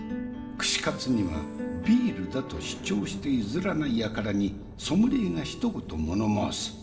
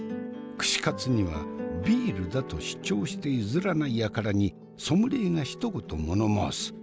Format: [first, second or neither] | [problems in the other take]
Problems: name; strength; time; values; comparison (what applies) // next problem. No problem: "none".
second | background sound (Explosion); 18 dB below the speech // room echo; dies away in 2.6 s